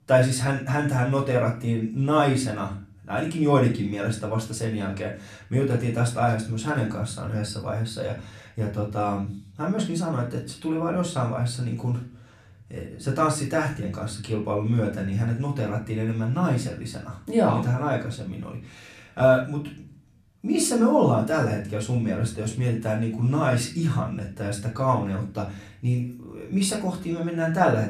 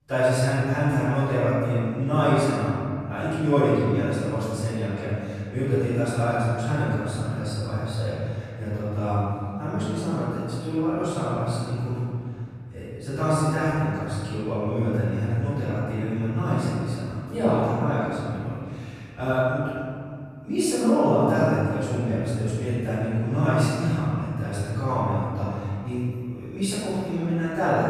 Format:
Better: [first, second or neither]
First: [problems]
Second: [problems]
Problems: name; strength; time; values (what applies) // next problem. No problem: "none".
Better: first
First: room echo; slight; dies away in 0.4 s // off-mic speech; far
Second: room echo; strong; dies away in 2.4 s // off-mic speech; far